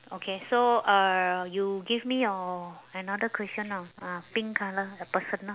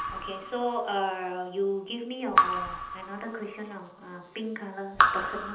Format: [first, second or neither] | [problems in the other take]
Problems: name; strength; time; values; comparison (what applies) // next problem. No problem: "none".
first | background sound (Raindrop / Drip); 2 dB above the speech // room echo; dies away in 1.2 s